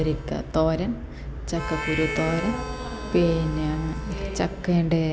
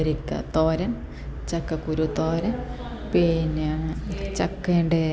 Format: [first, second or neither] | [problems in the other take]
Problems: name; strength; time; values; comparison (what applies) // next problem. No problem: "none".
second | background sound (Harmonica); 12 dB below the speech